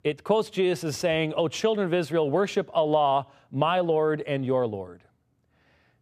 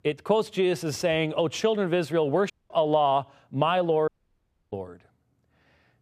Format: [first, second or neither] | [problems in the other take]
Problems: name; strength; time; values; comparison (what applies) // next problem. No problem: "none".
first | audio cutting out; at 2.5 s and at 4 s for 0.5 s